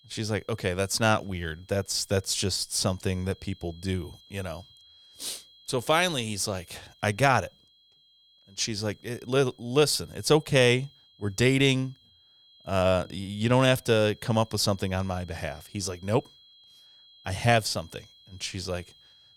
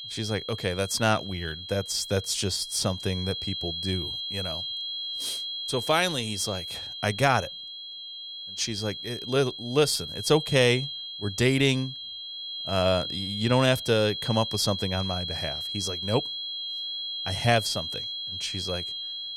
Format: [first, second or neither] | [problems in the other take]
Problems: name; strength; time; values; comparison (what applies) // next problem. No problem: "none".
first | high-pitched whine; loud; throughout; 3.5 kHz, 5 dB below the speech; faint in the first